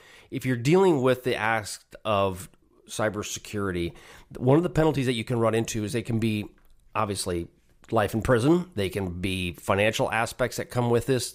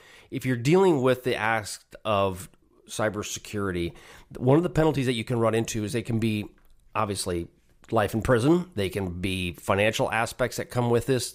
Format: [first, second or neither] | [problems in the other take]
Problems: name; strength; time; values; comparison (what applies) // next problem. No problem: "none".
neither | none